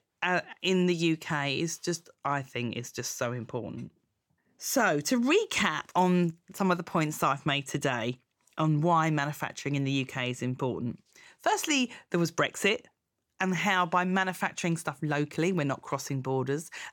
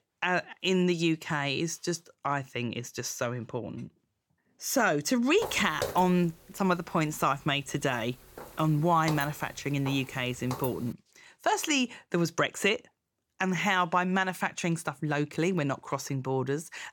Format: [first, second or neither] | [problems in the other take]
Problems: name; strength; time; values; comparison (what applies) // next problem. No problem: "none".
first | footsteps; noticeable; from 5.5 to 11 s; peak 6 dB below the speech